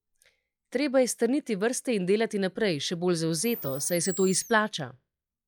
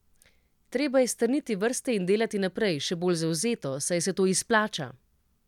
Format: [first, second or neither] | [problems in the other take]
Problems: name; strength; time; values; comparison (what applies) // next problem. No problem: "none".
second | noise reduction (classical method log-MMSE)